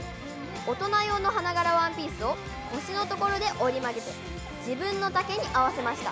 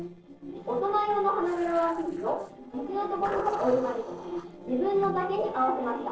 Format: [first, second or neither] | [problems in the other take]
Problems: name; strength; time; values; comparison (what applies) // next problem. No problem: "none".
first | noise reduction (neural separator model SepFormer DNS4)